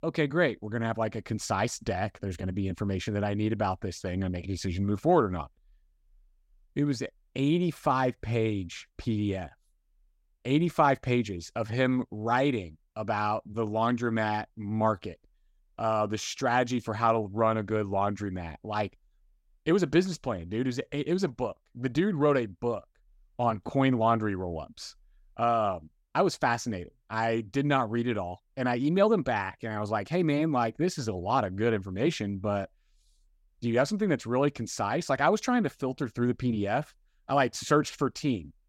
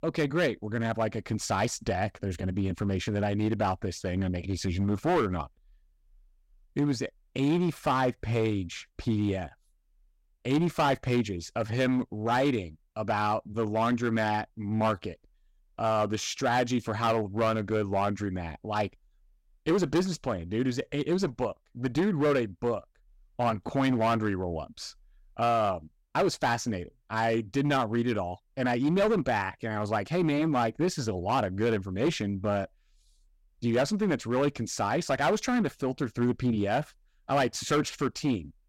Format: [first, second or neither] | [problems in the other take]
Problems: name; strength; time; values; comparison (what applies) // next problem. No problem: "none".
first | distortion; slight; 6% of the sound clipped